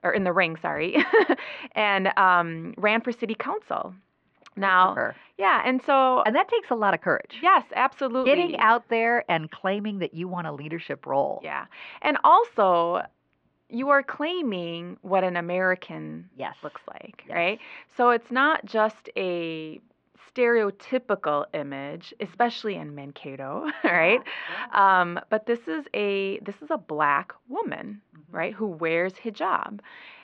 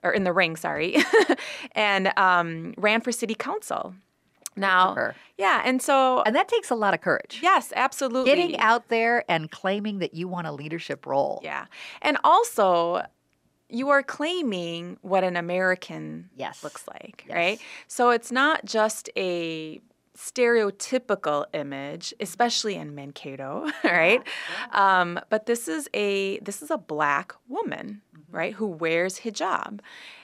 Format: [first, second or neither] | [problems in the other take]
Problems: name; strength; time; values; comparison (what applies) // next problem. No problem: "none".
second | muffled; very; fading above 3 kHz